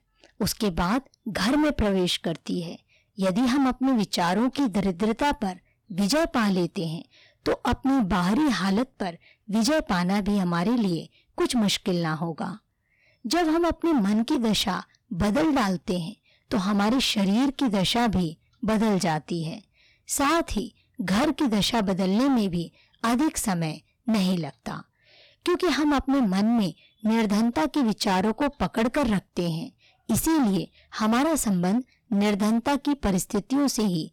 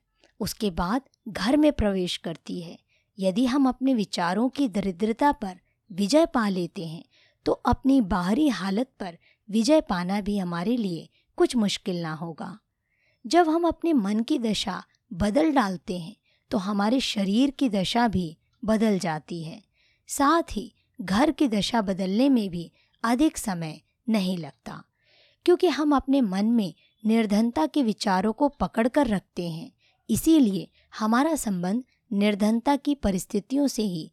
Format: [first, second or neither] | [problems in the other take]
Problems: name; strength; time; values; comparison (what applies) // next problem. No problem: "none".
second | distortion; heavy; 20% of the sound clipped